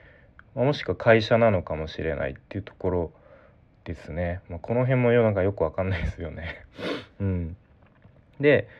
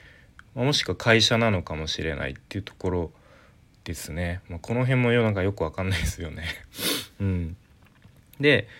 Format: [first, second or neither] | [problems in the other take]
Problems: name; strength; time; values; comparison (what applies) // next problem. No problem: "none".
second | muffled; very; fading above 2 kHz